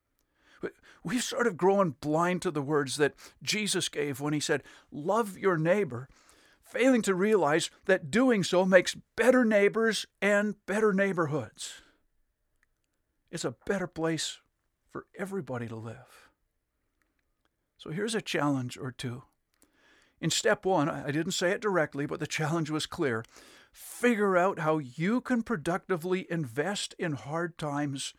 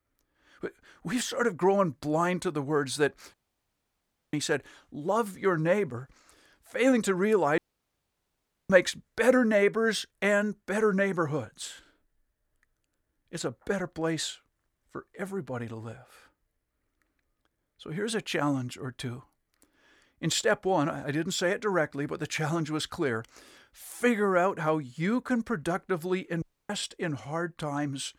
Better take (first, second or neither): first